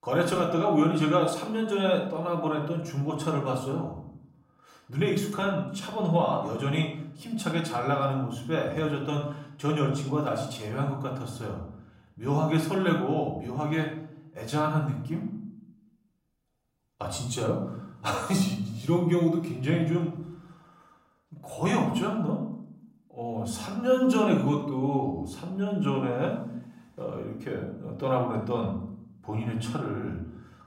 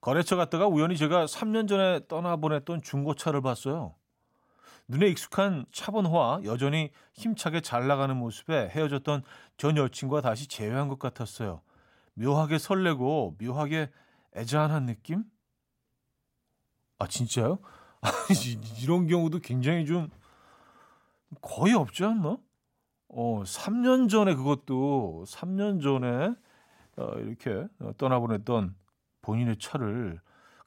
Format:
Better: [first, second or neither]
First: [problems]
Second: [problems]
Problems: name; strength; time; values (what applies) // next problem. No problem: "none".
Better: second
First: off-mic speech; far // room echo; slight; dies away in 0.6 s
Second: none